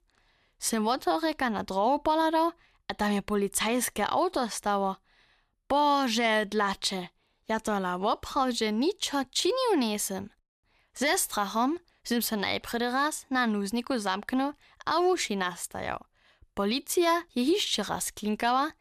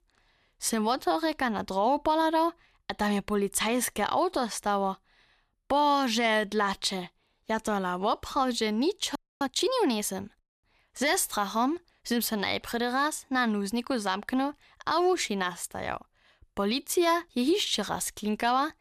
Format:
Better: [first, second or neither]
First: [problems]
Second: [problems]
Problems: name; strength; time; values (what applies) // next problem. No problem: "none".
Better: first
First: none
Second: audio freezing; at 9 s